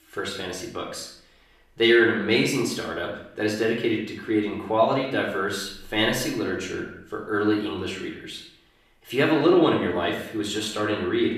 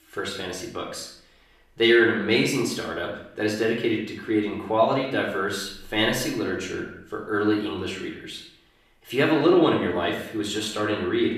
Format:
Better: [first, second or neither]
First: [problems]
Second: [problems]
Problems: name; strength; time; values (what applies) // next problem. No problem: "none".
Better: neither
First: room echo; noticeable; dies away in 0.6 s // off-mic speech; far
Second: room echo; noticeable; dies away in 0.6 s // off-mic speech; far